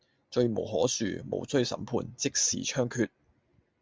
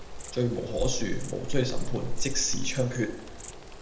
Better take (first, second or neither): first